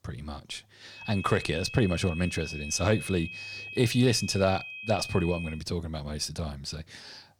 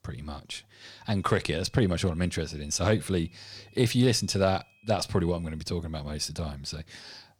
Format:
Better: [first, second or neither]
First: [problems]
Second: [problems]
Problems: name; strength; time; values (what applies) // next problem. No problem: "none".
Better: second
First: high-pitched whine; loud; from 1 to 5.5 s; 2.5 kHz, 10 dB below the speech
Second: high-pitched whine; faint; from 1 to 5.5 s; 2.5 kHz, 30 dB below the speech